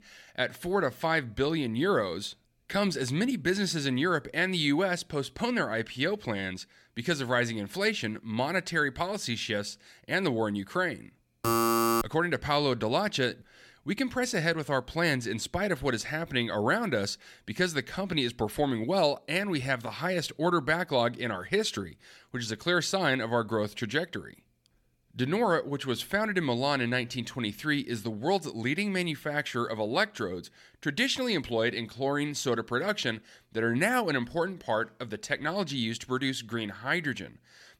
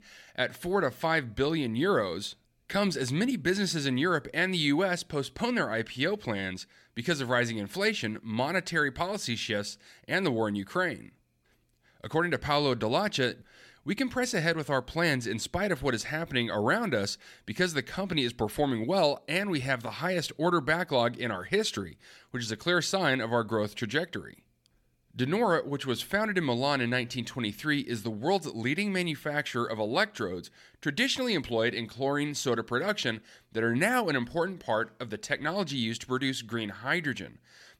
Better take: second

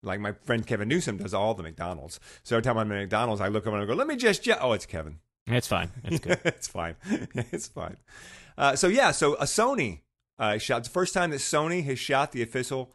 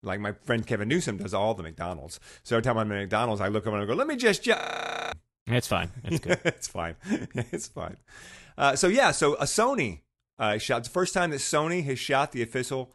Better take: first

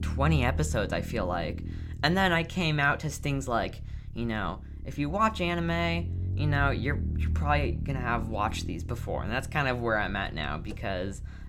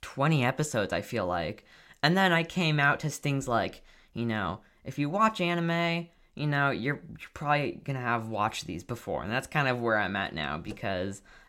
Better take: second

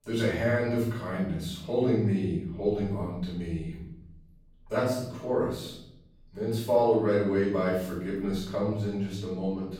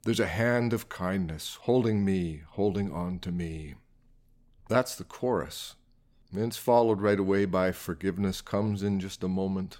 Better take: second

